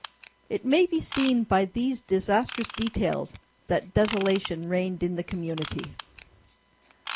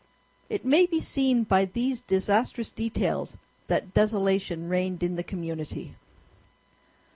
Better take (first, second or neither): second